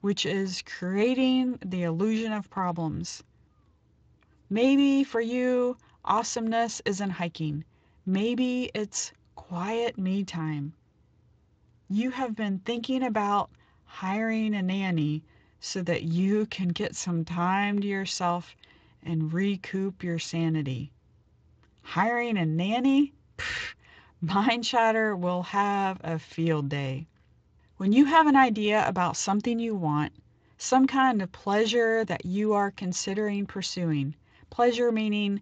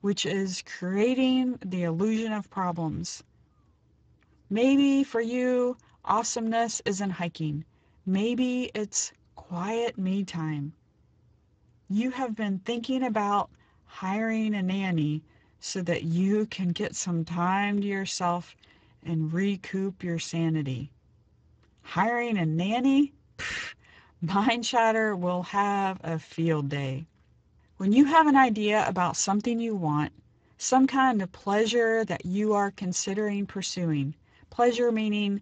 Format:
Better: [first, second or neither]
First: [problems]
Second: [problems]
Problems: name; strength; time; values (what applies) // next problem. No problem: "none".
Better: first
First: garbled, watery; slightly; nothing above 7.5 kHz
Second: garbled, watery; badly; nothing above 7.5 kHz